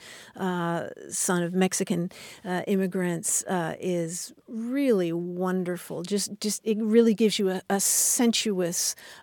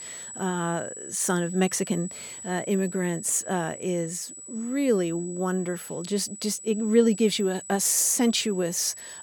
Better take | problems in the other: first | high-pitched whine; noticeable; throughout; 8 kHz, 10 dB below the speech

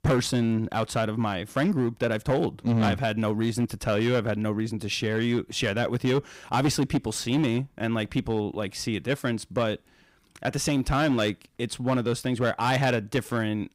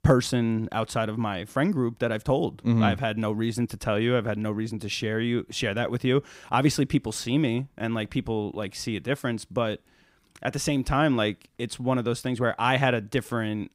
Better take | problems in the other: second | distortion; slight; 6% of the sound clipped

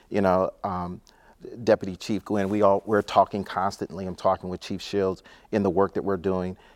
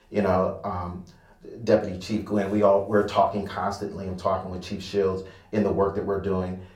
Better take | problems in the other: first | off-mic speech; far // room echo; very slight; dies away in 0.4 s

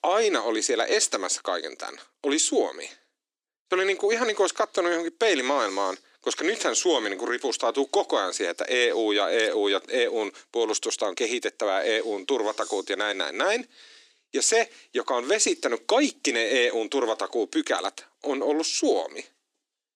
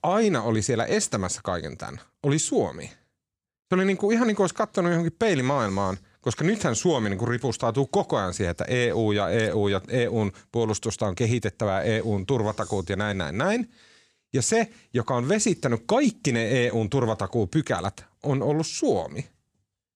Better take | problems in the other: second | thin; somewhat; fading below 300 Hz

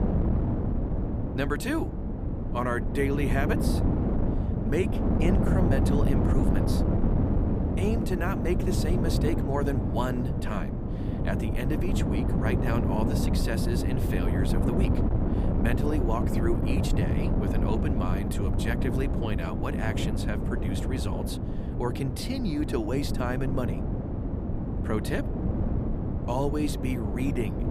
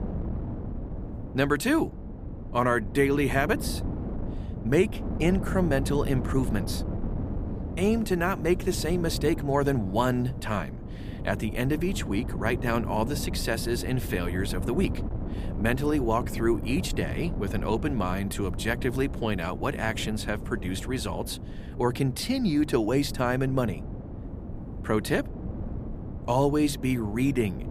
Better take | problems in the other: second | wind noise on the microphone; heavy; 2 dB below the speech; occasional gusts in the second

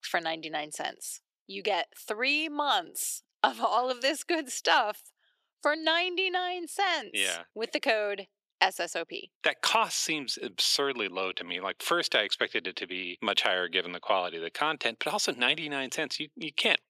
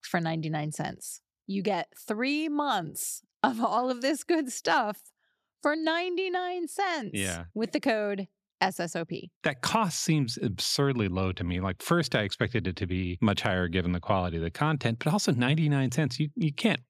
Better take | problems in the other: second | thin; very; fading below 400 Hz

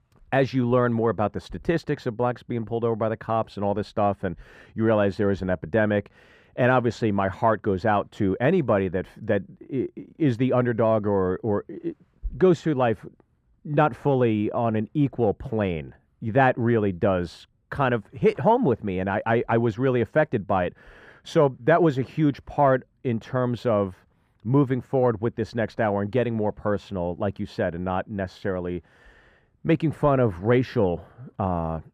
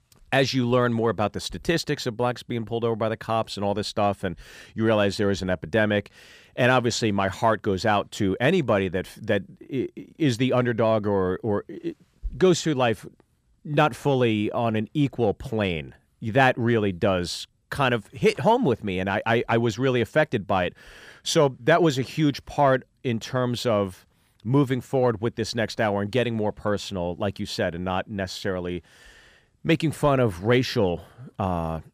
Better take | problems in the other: second | muffled; slightly; fading above 2.5 kHz

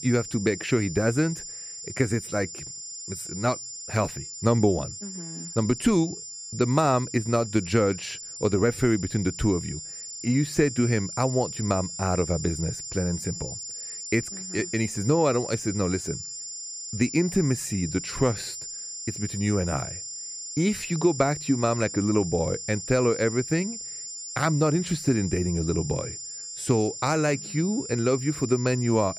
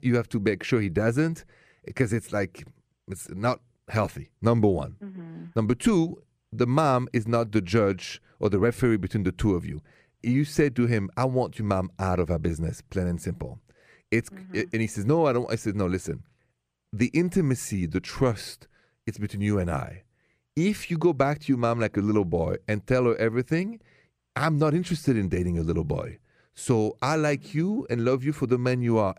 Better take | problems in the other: second | high-pitched whine; loud; throughout; 7 kHz, 8 dB below the speech

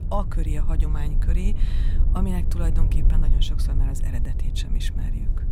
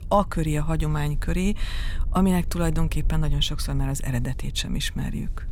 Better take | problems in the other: second | low rumble; loud; throughout; 6 dB below the speech; faint in the second

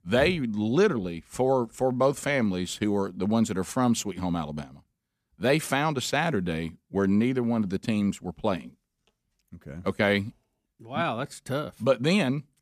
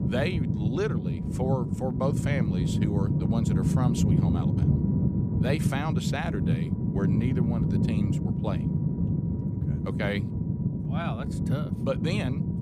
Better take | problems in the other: first | low rumble; loud; throughout; 1 dB below the speech

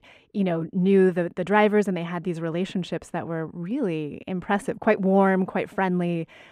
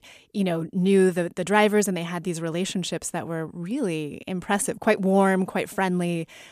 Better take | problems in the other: second | muffled; slightly; fading above 4 kHz

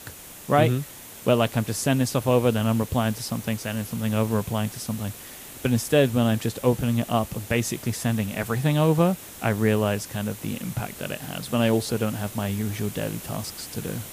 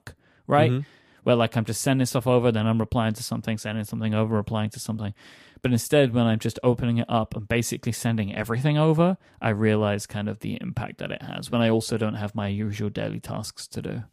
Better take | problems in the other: second | hiss; noticeable; throughout; 15 dB below the speech

